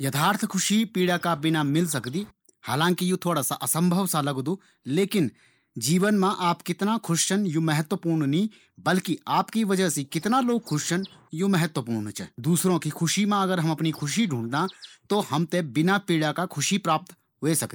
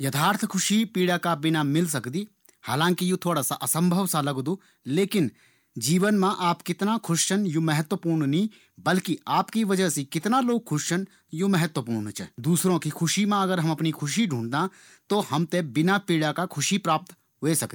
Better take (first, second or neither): second